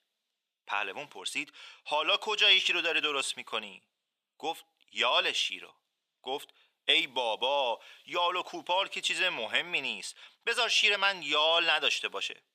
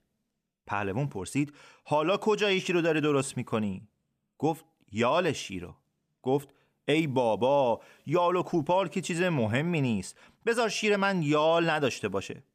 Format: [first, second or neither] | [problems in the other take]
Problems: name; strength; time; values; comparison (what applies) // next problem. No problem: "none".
second | thin; very; fading below 700 Hz